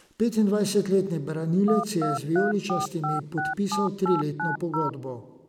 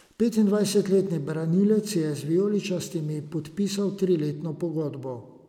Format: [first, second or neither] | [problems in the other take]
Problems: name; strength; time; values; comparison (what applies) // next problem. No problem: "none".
second | background sound (Telephone); 5 dB below the speech